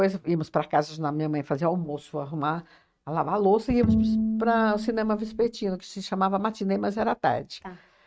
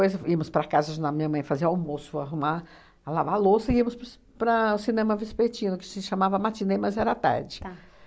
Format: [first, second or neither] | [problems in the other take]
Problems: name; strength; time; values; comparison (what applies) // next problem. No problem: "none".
second | noise reduction (neural mask model RNNoise)